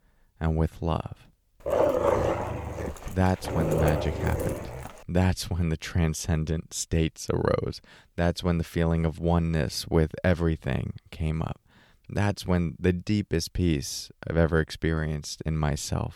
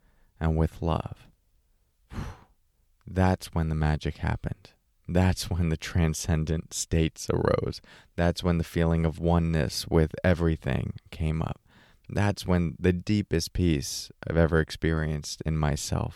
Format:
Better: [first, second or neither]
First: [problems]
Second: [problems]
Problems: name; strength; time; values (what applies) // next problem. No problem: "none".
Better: second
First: dog barking; loud; from 1.5 to 5 s; peak 5 dB above the speech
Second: none